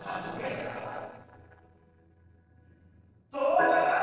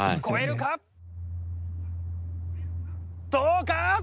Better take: second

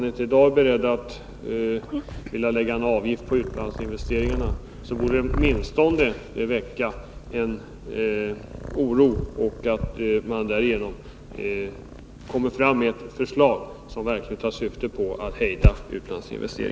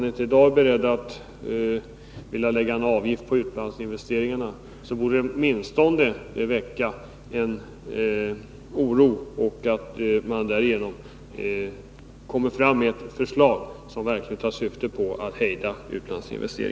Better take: second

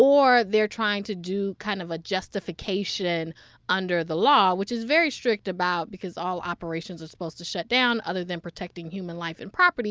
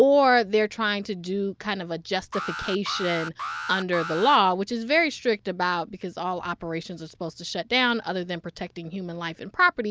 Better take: first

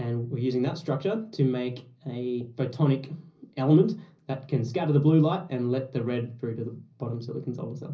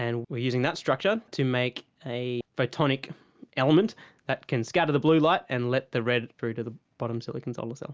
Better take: second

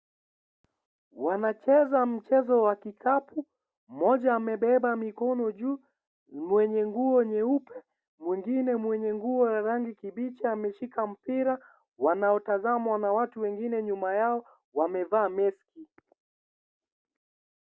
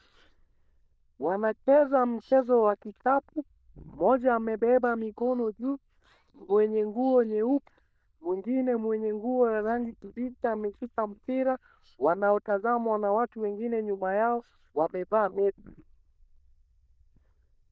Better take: first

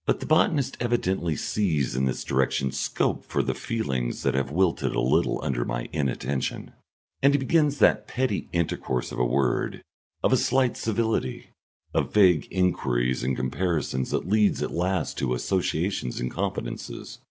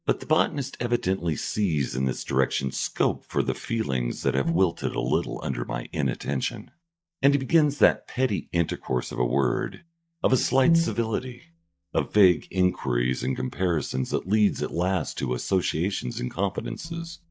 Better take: first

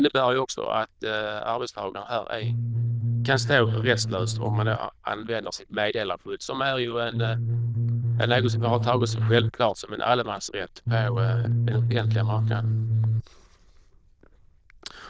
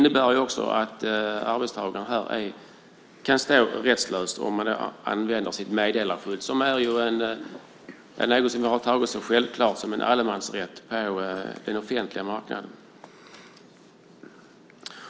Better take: second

